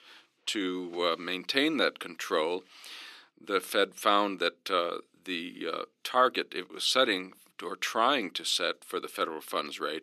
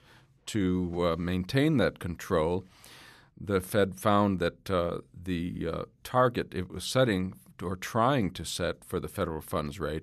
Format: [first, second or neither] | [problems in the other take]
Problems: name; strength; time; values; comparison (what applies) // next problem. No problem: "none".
second | thin; somewhat; fading below 300 Hz